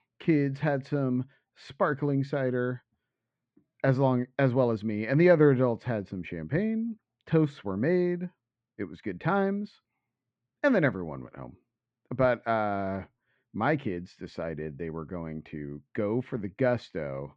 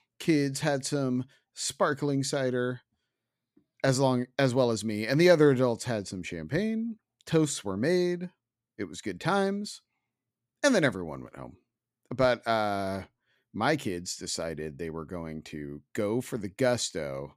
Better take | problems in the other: second | muffled; very; fading above 2.5 kHz

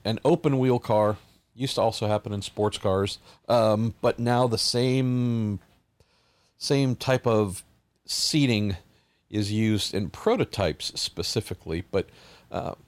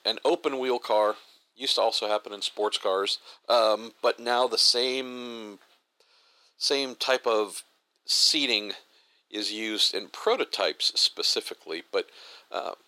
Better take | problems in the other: first | thin; very; fading below 350 Hz

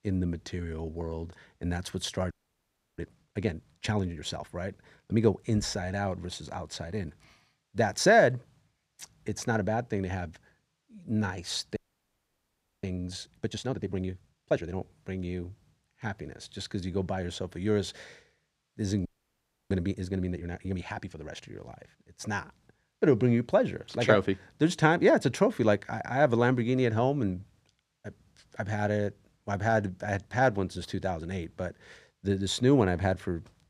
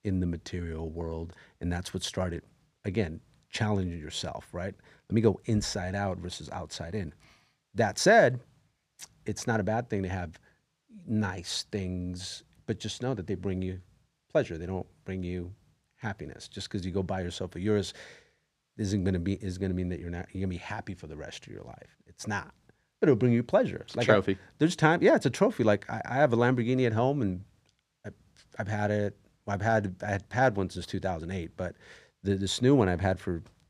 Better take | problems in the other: second | audio freezing; at 2.5 s for 0.5 s, at 12 s for 1 s and at 19 s for 0.5 s

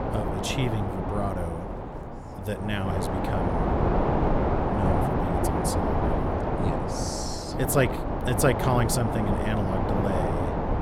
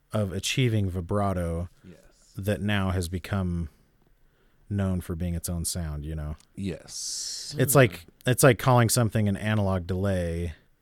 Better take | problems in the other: second | wind noise on the microphone; heavy; 2 dB above the speech

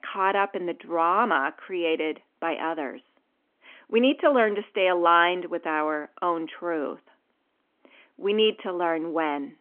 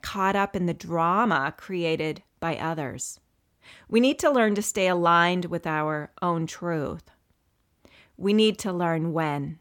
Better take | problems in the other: second | phone-call audio; nothing above 3.5 kHz

